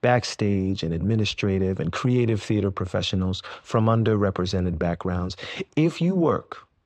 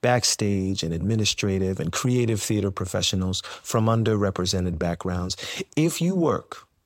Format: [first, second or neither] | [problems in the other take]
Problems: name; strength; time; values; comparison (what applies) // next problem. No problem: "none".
second | muffled; slightly; fading above 3 kHz